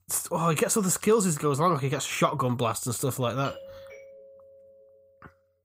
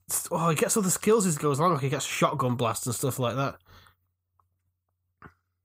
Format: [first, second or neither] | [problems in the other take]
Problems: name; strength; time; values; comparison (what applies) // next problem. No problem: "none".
second | doorbell; faint; from 3.5 to 5 s; peak 15 dB below the speech